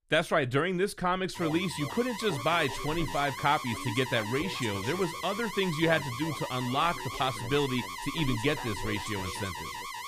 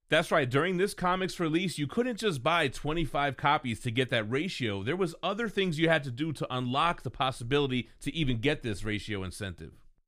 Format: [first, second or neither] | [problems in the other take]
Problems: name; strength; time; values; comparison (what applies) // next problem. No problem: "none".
second | alarm; noticeable; from 1.5 s on; peak 6 dB below the speech